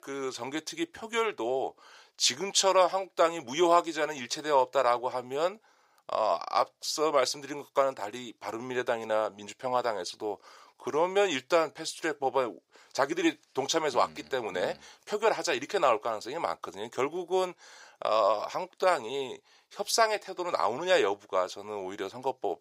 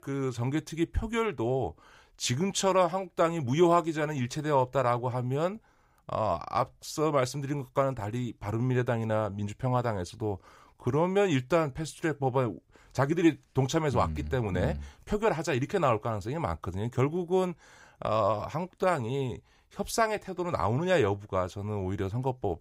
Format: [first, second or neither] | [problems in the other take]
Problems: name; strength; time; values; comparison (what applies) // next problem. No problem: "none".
second | thin; very; fading below 500 Hz